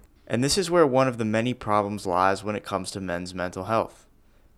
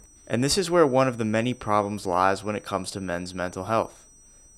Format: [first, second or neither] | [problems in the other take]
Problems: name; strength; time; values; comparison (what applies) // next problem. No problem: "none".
first | high-pitched whine; faint; throughout; 6 kHz, 25 dB below the speech